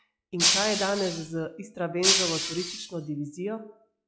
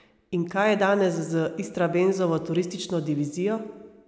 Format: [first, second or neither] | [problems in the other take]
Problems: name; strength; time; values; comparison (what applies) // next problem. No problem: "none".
second | noise reduction (classical method log-MMSE)